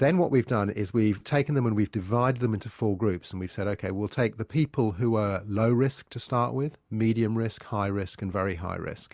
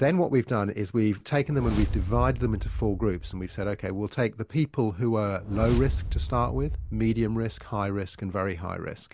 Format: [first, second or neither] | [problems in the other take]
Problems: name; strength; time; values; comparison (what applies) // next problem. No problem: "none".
first | background sound (Whoosh, swoosh, swish); 7 dB below the speech